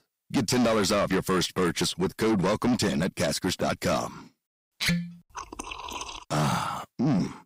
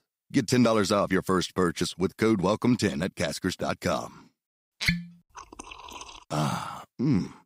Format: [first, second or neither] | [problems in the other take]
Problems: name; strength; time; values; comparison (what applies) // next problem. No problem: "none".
second | distortion; heavy; 6 dB below the speech